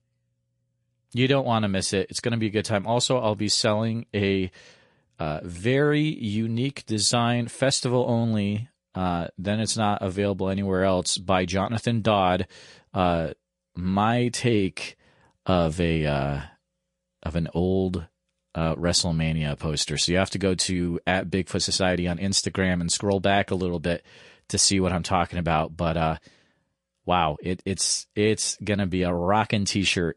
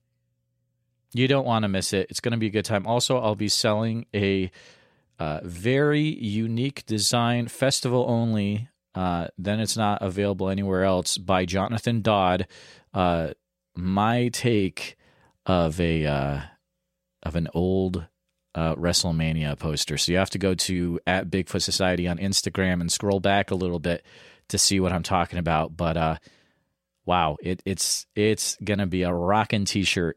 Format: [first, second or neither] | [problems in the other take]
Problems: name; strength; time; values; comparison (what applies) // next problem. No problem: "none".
second | garbled, watery; slightly; nothing above 9 kHz